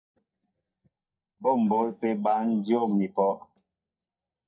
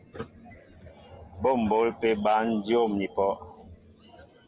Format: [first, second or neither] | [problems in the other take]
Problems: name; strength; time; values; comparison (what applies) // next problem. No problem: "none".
second | noise reduction (neural mask model DeepFilterNet 3)